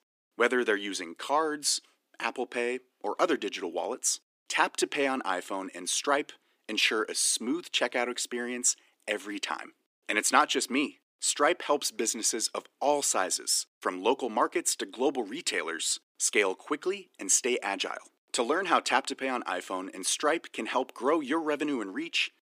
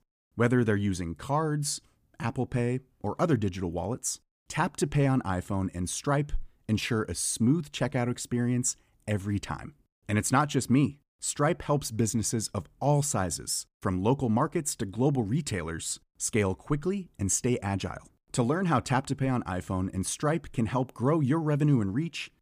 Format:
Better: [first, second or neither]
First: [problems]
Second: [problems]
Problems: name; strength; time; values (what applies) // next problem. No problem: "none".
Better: second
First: thin; somewhat; fading below 300 Hz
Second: none